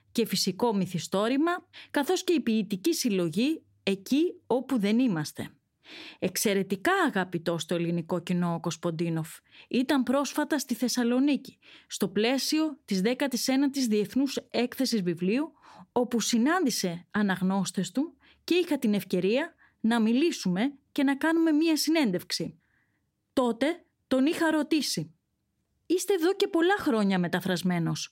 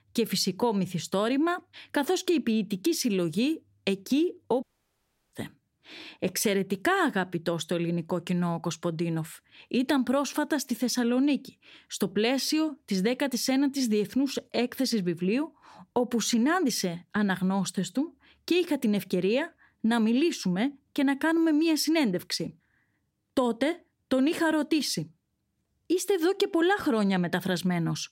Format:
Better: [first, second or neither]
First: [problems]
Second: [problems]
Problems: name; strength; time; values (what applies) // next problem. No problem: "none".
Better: first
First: none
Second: audio cutting out; at 4.5 s for 0.5 s